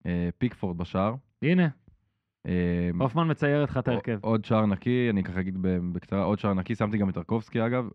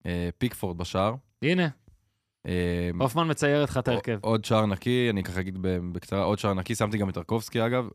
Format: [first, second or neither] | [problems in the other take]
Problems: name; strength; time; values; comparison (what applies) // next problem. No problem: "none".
second | muffled; slightly; fading above 2.5 kHz